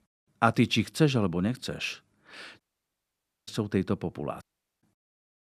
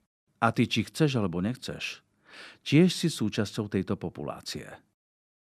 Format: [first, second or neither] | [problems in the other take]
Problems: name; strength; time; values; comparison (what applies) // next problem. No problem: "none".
second | audio cutting out; at 2.5 s for 1 s and at 4.5 s